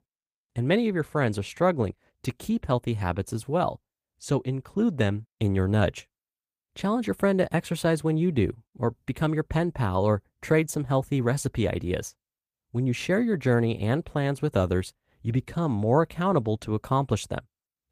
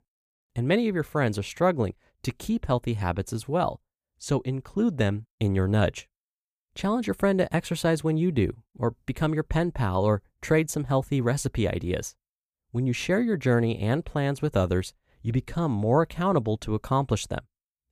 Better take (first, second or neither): second